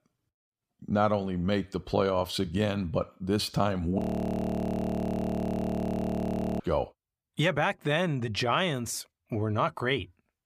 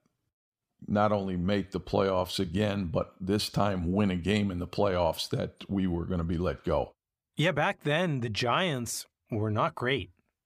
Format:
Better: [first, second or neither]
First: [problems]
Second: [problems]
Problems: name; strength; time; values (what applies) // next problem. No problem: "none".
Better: second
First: audio freezing; at 4 s for 2.5 s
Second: none